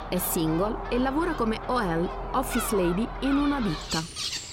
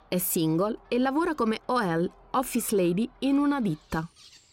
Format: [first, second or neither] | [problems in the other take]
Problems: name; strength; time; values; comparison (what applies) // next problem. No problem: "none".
second | animal sounds; loud; throughout; 6 dB below the speech; faint in the second